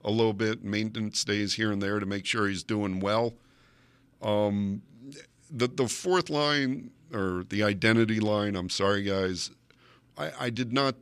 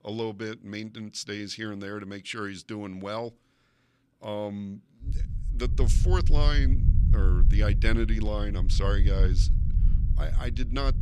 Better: first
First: none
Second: low rumble; loud; from 5 s on; 10 dB below the speech

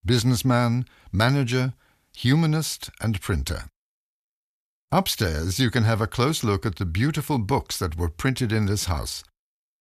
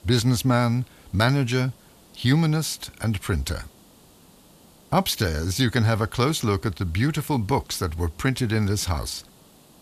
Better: first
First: none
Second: hiss; faint; throughout; 30 dB below the speech

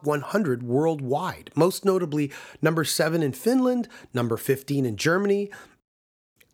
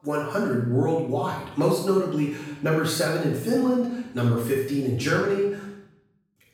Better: first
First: none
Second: off-mic speech; far // room echo; noticeable; dies away in 0.7 s

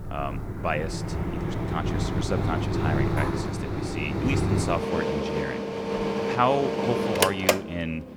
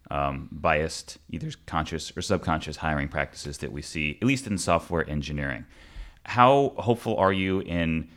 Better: second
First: machinery noise; very loud; throughout; 3 dB above the speech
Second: none

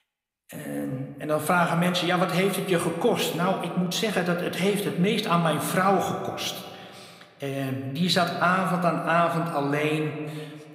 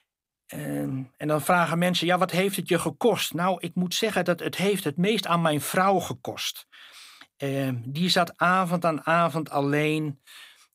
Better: second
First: room echo; slight; dies away in 1.7 s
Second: none

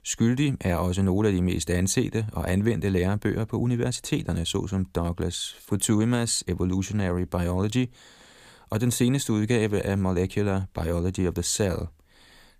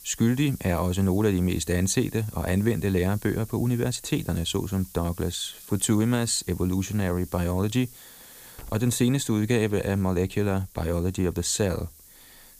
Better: first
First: none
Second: hiss; noticeable; throughout; 20 dB below the speech

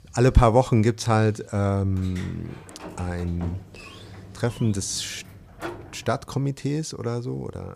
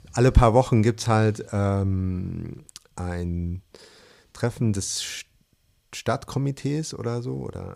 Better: second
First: door banging; faint; from 2 to 6 s; peak 10 dB below the speech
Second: none

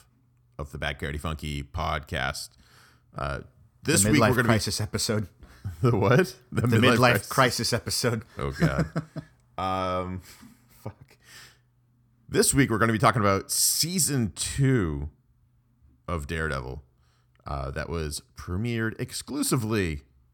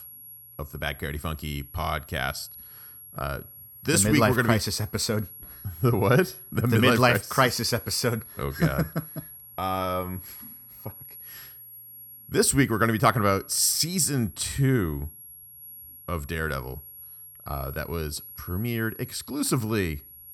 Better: first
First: none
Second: high-pitched whine; noticeable; throughout; 11.5 kHz, 15 dB below the speech

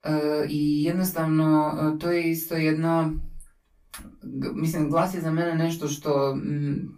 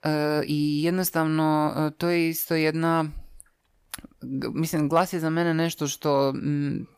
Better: second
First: off-mic speech; far // room echo; very slight; dies away in 0.2 s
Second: none

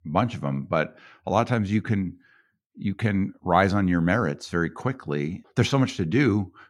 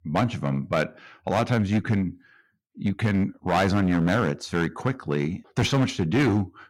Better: first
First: none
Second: distortion; slight; 8% of the sound clipped

